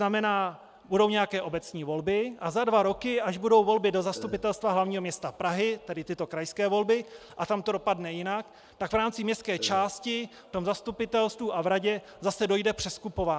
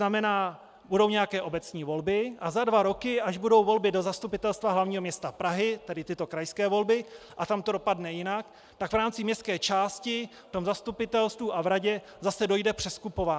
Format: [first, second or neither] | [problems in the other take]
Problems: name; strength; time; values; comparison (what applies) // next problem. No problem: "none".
second | background sound (Burping, eructation); 16 dB below the speech